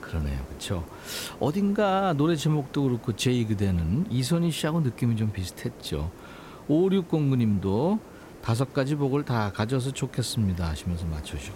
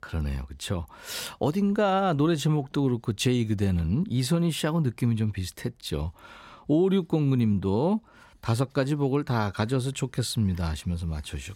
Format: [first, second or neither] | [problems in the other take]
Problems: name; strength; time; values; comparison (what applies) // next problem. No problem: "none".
second | hiss; noticeable; throughout; 20 dB below the speech